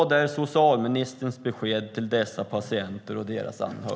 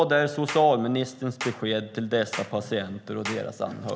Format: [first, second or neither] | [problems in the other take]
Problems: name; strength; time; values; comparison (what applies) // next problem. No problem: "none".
first | background sound (Clapping); 14 dB below the speech